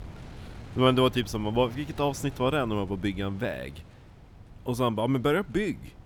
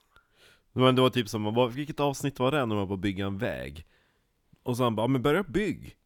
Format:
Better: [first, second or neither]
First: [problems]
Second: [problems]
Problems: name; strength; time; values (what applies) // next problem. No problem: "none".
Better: second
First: wind noise on the microphone; occasional gusts; 25 dB below the speech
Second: none